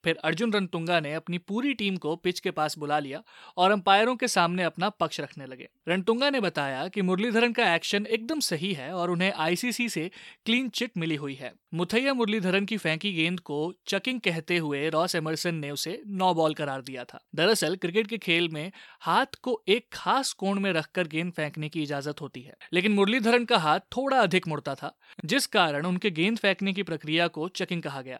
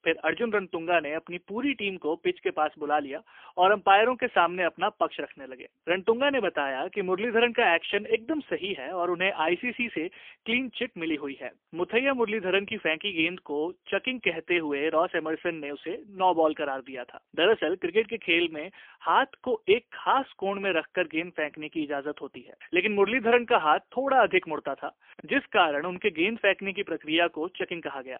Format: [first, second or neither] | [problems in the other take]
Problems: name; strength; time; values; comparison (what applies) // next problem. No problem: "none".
first | phone-call audio; poor line; nothing above 3 kHz